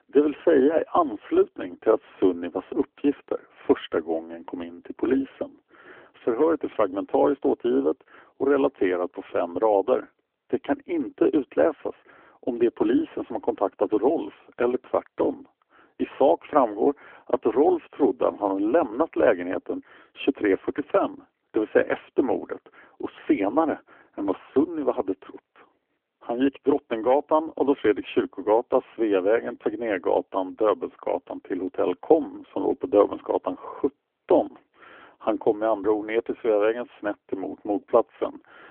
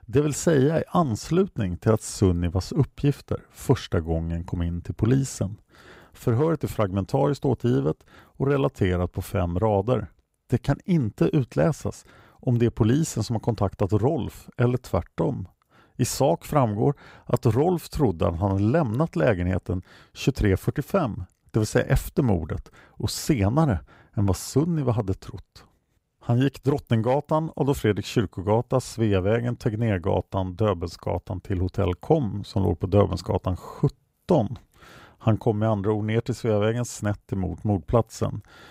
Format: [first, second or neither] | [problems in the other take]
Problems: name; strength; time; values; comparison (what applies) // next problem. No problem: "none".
second | phone-call audio